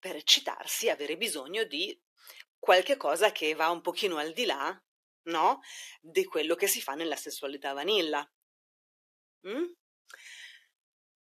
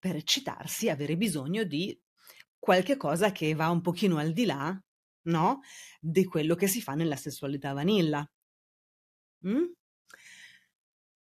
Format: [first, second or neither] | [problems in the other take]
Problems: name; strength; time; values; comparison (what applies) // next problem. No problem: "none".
second | thin; very; fading below 400 Hz